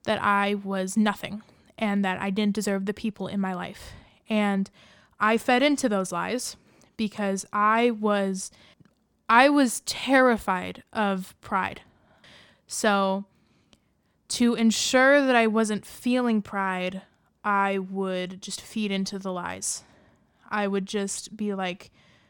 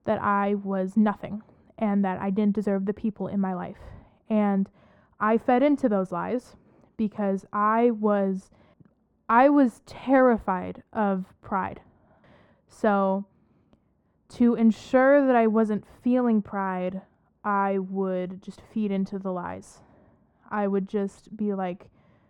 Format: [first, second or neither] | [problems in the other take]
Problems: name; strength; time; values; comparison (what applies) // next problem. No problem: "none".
first | muffled; very; fading above 2 kHz